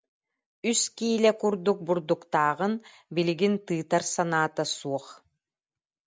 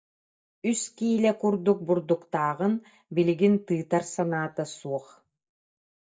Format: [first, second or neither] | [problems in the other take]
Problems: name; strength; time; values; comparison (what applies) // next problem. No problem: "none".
first | noise reduction (neural mask model DeepFilterNet 3)